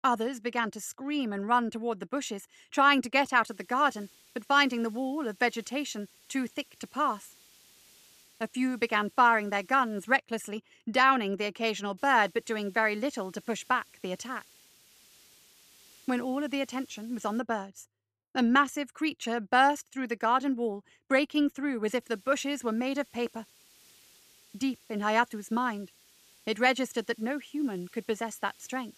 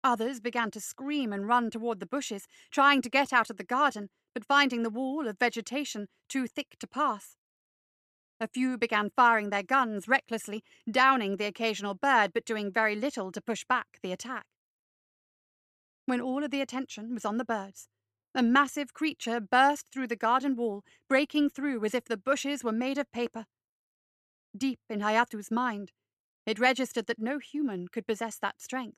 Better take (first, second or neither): second